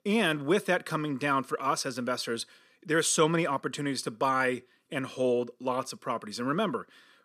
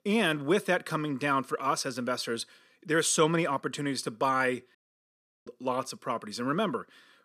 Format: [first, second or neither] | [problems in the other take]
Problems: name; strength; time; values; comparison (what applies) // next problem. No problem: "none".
first | audio cutting out; at 5 s for 0.5 s